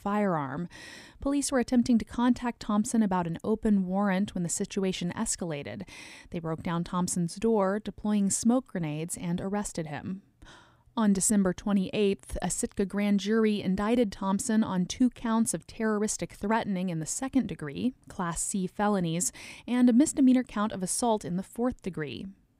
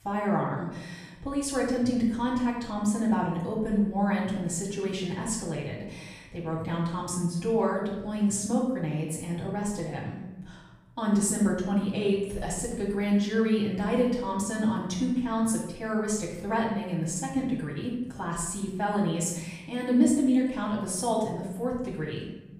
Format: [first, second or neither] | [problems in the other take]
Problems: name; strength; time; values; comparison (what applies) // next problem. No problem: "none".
first | off-mic speech; far // room echo; noticeable; dies away in 0.8 s